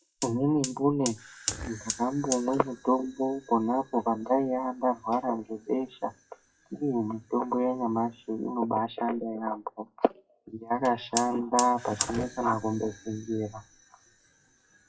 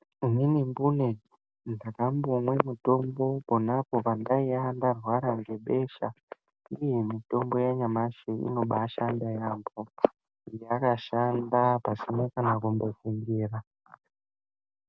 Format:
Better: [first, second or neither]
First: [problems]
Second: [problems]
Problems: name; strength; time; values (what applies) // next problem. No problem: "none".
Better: second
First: noise reduction (classical method WPE with log-MMSE)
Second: none